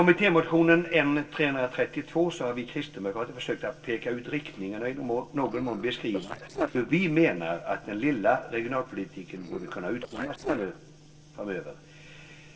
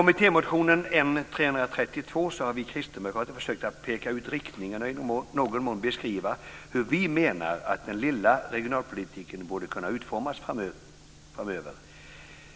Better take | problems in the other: second | noise reduction (neural separator model SepFormer DNS4)

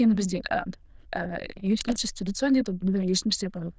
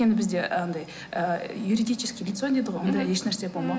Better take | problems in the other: second | noise reduction (neural diffusion model UNIVERSE++)

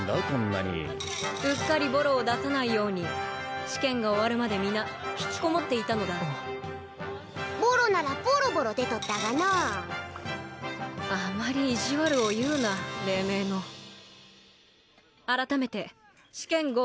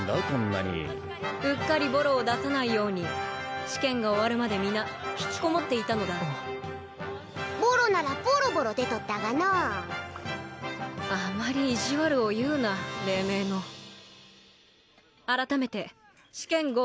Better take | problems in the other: second | background sound (Coin (dropping)); 10 dB below the speech

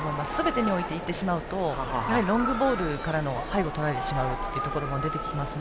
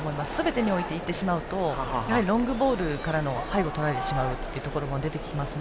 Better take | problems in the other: second | background sound (Meow); 8 dB below the speech

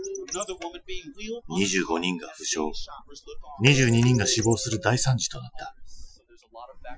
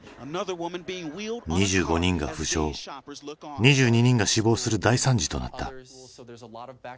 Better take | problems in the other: second | noise reduction (classical method Wiener filter)

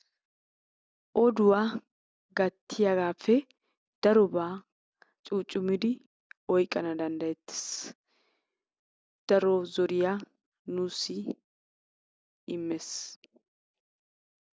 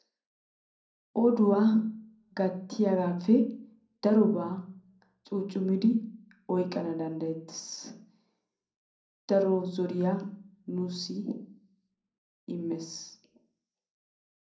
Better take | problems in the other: first | room echo; dies away in 0.5 s

